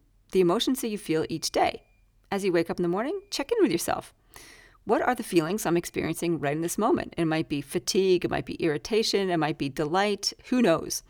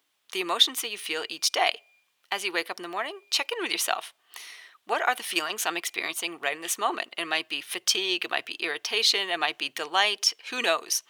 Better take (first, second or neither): first